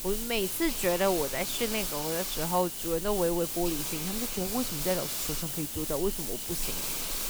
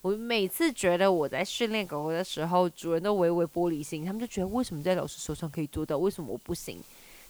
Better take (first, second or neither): second